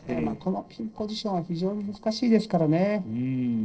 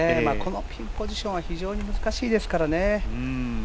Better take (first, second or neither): second